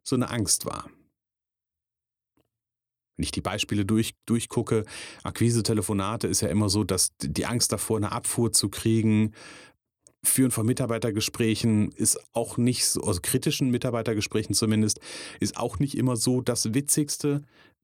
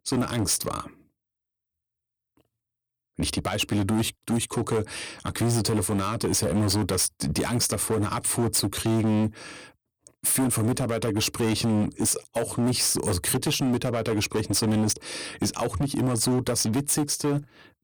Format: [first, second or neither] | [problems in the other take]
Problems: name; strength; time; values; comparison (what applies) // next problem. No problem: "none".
first | distortion; heavy; 16% of the sound clipped